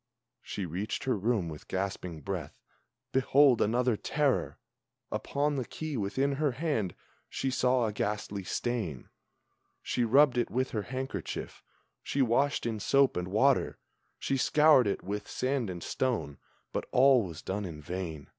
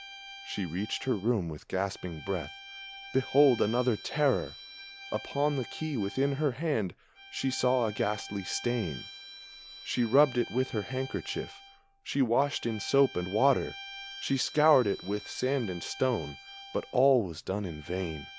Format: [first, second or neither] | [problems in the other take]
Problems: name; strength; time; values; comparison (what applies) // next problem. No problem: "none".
first | background sound (Bowed string instrument); 16 dB below the speech